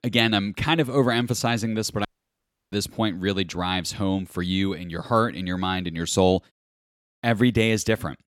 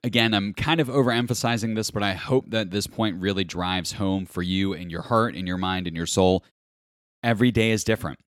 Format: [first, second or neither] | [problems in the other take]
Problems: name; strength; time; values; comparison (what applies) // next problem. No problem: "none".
second | audio cutting out; at 2 s for 0.5 s